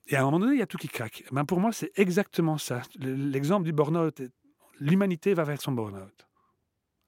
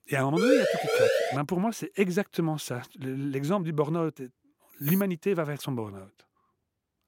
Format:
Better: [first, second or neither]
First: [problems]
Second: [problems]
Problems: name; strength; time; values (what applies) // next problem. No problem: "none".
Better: first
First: none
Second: siren; loud; at 0.5 s; peak 6 dB above the speech // jangling keys; noticeable; at 5 s; peak 4 dB below the speech